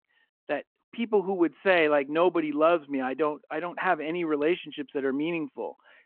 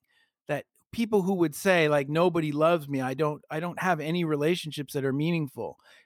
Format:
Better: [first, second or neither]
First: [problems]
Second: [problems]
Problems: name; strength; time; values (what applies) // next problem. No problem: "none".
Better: second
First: phone-call audio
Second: none